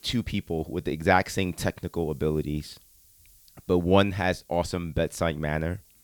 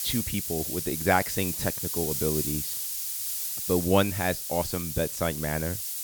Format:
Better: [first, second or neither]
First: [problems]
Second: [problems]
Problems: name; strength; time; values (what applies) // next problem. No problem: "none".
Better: first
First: hiss; faint; throughout; 30 dB below the speech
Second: hiss; loud; throughout; 1 dB below the speech